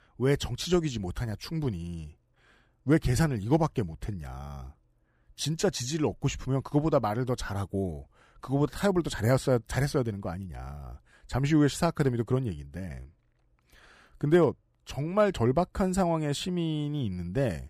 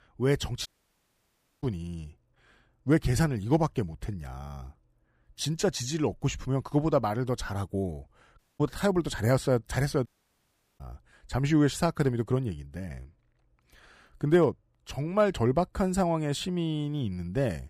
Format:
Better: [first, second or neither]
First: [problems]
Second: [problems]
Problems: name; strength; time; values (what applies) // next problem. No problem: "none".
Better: first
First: none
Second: audio cutting out; at 0.5 s for 1 s, at 8.5 s and at 10 s for 0.5 s